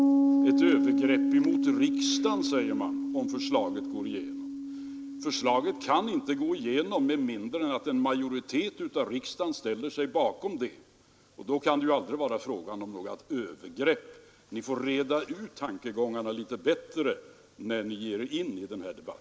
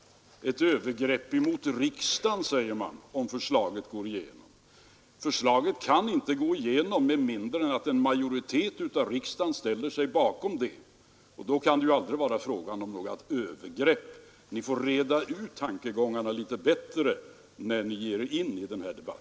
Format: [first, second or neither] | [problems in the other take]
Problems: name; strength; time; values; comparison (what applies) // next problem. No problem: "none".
second | background sound (Piano); 2 dB below the speech